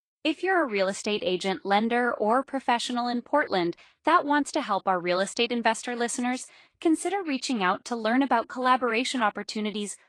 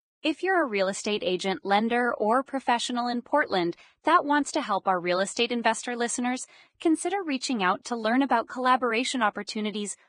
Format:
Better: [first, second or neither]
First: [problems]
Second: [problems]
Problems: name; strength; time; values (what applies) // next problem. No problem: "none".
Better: first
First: garbled, watery; slightly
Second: garbled, watery; badly; nothing above 9 kHz